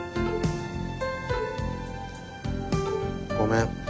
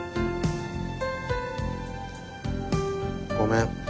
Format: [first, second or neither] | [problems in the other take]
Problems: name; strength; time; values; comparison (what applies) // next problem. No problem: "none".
second | background sound (Bowed string instrument); 12 dB below the speech